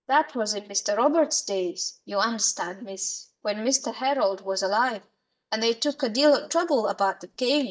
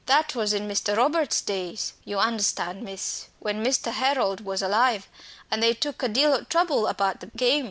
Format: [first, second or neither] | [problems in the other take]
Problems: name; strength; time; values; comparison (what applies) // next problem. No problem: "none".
second | noise reduction (neural mask model DeepFilterNet 3)